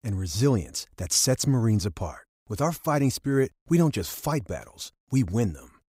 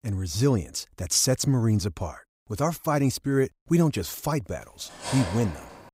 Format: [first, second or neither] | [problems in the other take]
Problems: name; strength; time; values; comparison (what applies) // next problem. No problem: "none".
first | clattering dishes; noticeable; from 5 s on; peak 6 dB below the speech